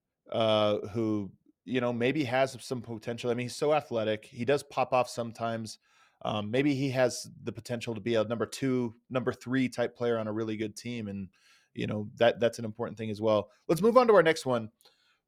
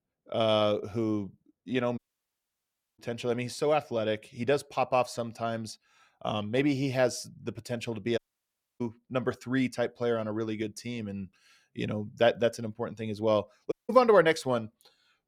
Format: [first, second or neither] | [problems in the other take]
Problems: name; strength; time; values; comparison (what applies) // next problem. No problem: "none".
first | audio cutting out; at 2 s for 1 s, at 8 s for 0.5 s and at 14 s